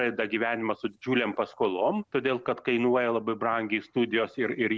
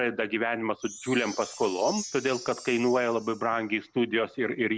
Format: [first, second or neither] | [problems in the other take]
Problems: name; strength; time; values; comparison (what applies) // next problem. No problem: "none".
first | background sound (Chime); 15 dB below the speech